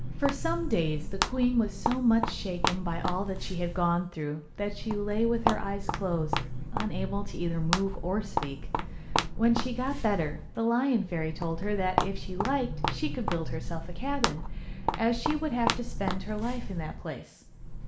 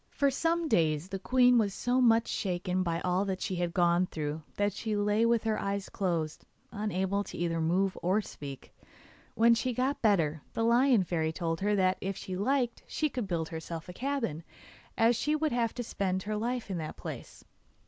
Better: second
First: background sound (Walk, footsteps); 2 dB below the speech // room echo; dies away in 1.9 s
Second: none

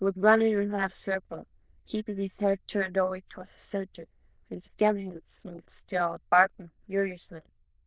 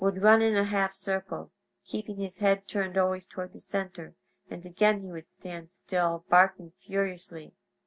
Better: second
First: noise reduction (neural diffusion model UNIVERSE++)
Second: none

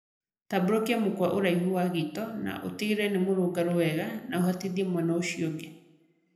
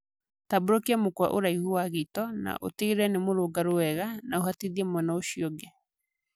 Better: second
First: room echo; dies away in 0.7 s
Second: none

